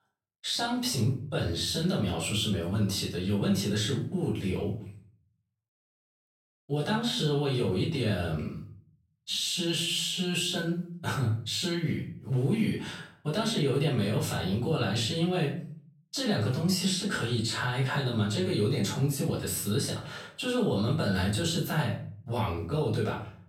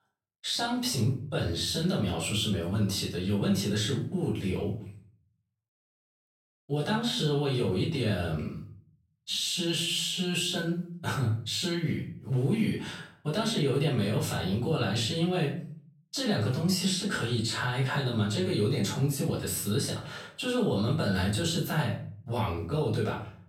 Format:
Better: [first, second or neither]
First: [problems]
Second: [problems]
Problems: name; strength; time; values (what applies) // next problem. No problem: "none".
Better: neither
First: room echo; slight; dies away in 0.5 s // off-mic speech; far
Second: room echo; slight; dies away in 0.5 s // off-mic speech; far